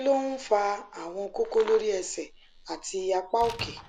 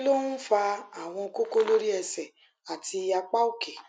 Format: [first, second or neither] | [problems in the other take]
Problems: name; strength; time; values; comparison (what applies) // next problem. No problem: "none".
second | background sound (Slam); 20 dB below the speech